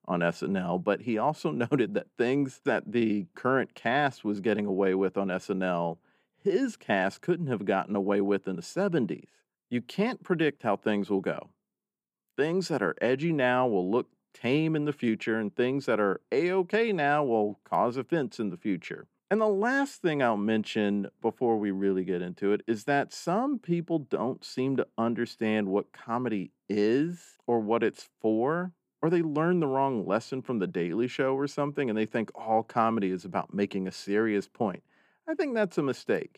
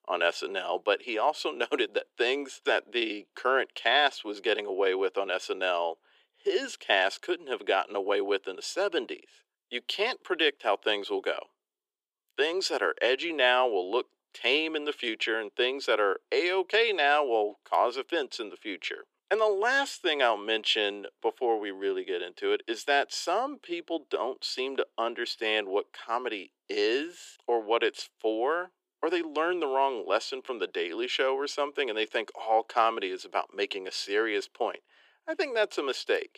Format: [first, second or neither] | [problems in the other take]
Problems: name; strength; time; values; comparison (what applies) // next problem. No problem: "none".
first | thin; very; fading below 350 Hz